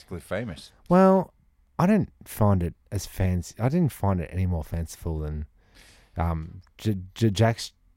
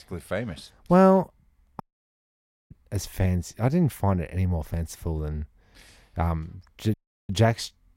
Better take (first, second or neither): first